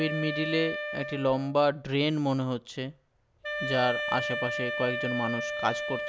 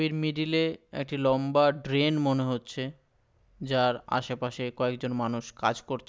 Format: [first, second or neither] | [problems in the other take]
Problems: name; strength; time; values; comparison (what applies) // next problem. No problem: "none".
second | background sound (Wind instrument, woodwind instrument); 5 dB below the speech